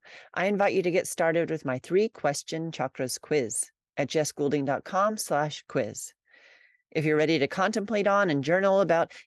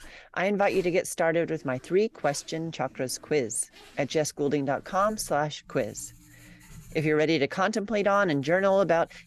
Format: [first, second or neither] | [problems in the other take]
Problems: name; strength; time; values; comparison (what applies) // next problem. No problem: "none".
first | household noises; faint; throughout; 25 dB below the speech